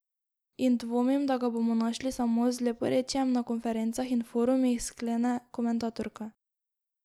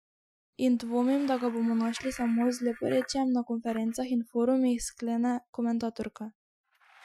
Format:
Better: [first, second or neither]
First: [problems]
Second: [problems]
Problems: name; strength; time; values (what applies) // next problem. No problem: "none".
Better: first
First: none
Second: noise reduction (classical method Wiener filter)